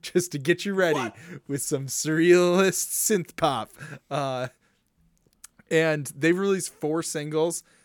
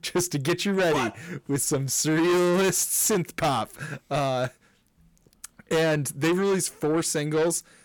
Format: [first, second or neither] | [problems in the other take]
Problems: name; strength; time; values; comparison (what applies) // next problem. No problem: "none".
first | distortion; heavy; 6 dB below the speech